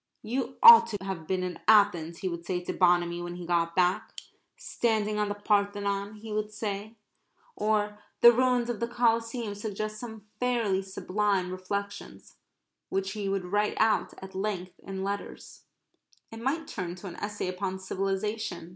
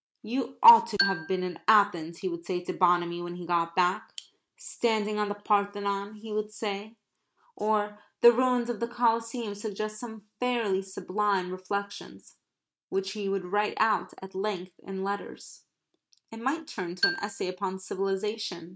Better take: first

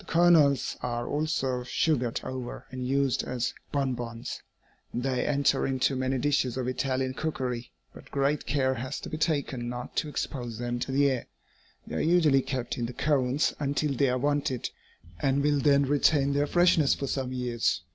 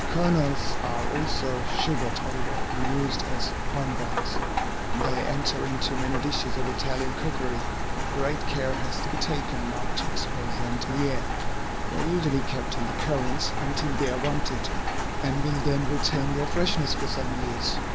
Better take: first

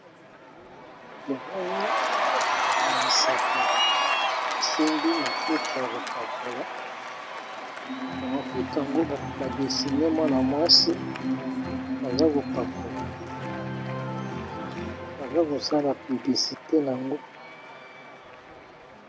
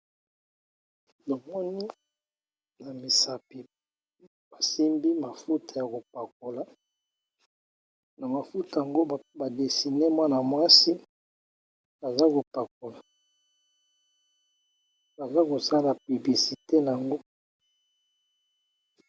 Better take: second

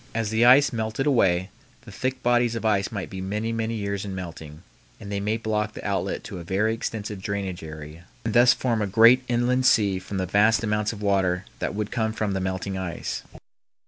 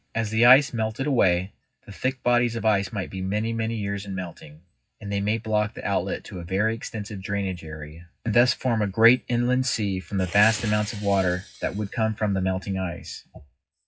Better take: first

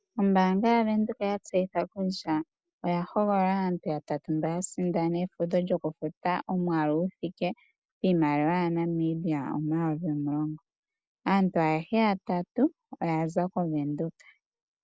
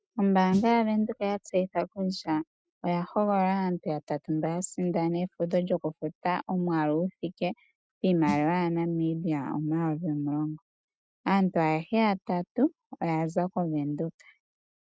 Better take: first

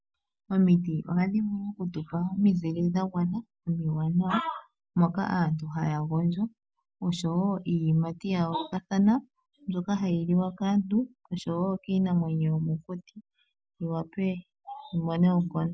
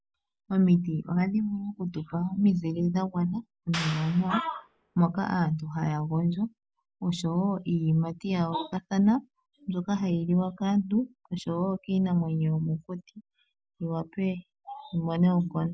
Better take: first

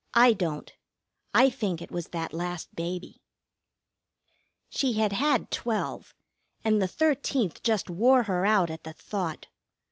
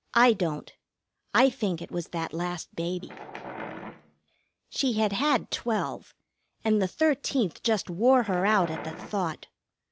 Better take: first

